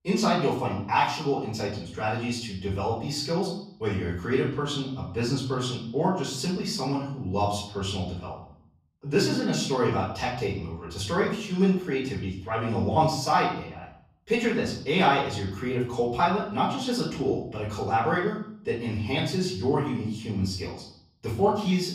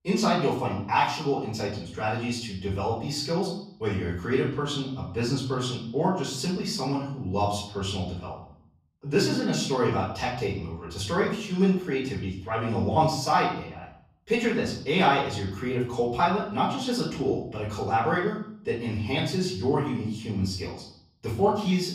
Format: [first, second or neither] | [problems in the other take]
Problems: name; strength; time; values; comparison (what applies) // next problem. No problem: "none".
neither | off-mic speech; far; the same in both // room echo; noticeable; dies away in 0.6 s; the same in both